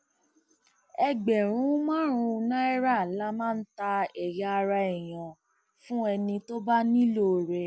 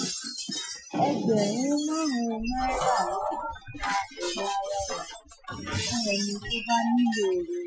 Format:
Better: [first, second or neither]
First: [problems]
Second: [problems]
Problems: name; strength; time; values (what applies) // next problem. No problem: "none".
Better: first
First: none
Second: noise reduction (classical method Wiener filter)